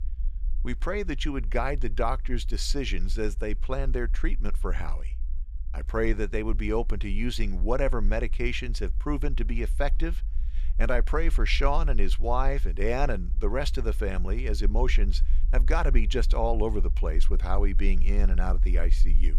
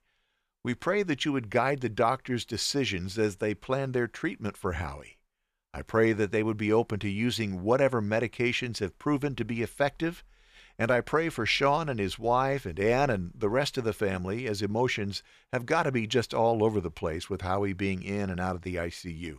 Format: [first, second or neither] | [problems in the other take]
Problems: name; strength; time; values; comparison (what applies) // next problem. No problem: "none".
second | low rumble; faint; throughout; 25 dB below the speech